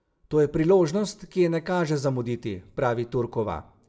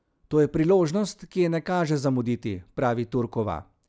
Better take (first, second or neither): second